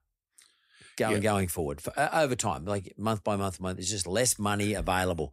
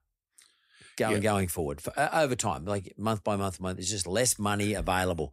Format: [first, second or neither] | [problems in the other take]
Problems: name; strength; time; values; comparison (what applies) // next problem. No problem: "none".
neither | none